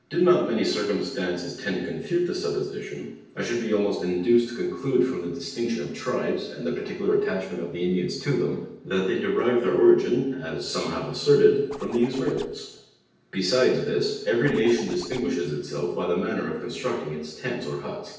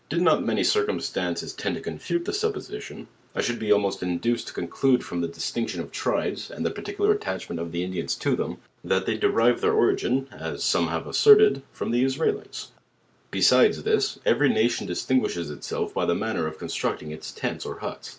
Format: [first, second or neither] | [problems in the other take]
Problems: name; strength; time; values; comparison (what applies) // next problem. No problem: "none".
second | noise reduction (neural separator model SepFormer DNS4)